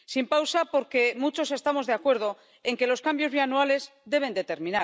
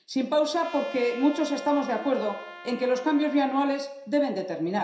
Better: first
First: none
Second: background sound (Trumpet); 18 dB below the speech // room echo; dies away in 0.7 s

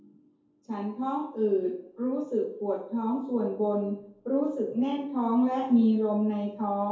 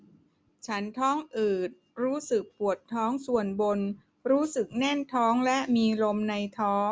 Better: second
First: room echo; dies away in 2.3 s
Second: none

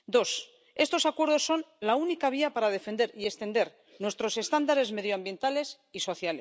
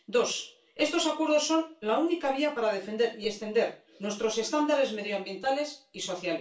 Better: first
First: none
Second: room echo; dies away in 0.3 s

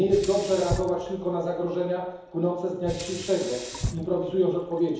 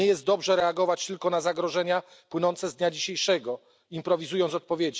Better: second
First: background sound (Sink (filling or washing)); 11 dB below the speech // room echo; dies away in 1 s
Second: none

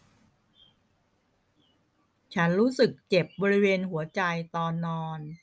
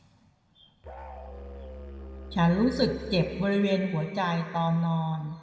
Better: first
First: none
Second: background sound (Musical instrument); 14 dB below the speech // room echo; dies away in 2.2 s

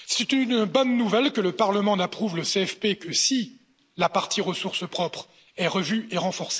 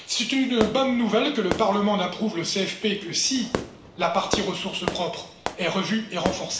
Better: first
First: none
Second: background sound (Fireworks); 10 dB below the speech // room echo; dies away in 0.7 s

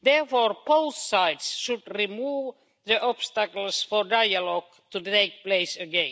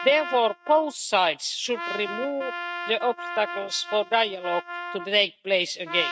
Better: first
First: none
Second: noise reduction (neural mask model RNNoise)

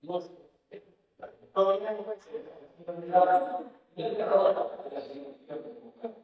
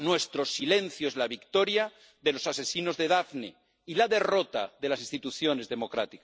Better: second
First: noise reduction (neural mask model DeepFilterNet 3)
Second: none

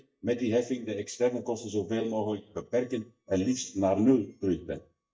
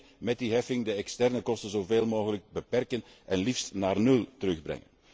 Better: second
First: noise reduction (neural mask model DeepFilterNet 3)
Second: none

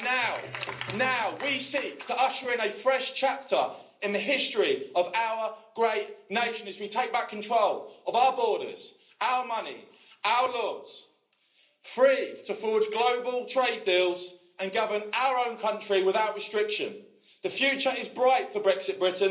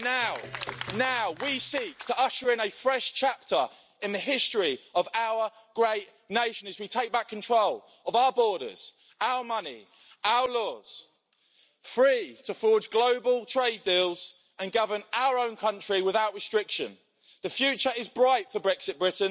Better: second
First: room echo; dies away in 0.5 s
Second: none

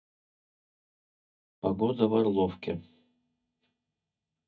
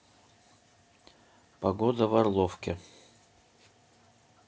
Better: second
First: noise reduction (neural mask model DeepFilterNet 3)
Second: none

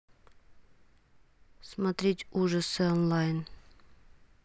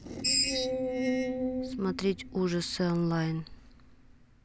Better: first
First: none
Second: background sound (Screech); as loud as the speech

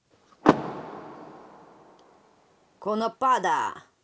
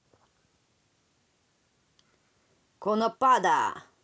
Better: second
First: background sound (Car); 1 dB below the speech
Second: none

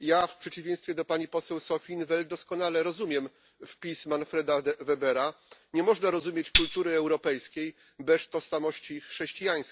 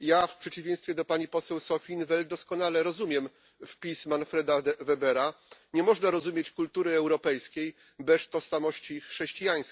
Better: second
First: background sound (Tambourine); 2 dB below the speech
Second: none

